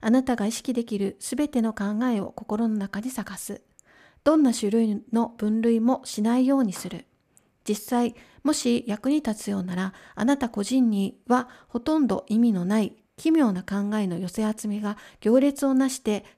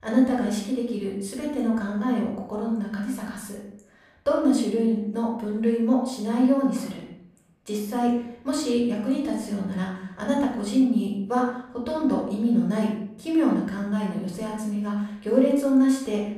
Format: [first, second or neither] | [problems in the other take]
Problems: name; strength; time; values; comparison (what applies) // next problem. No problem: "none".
first | off-mic speech; far // room echo; noticeable; dies away in 0.6 s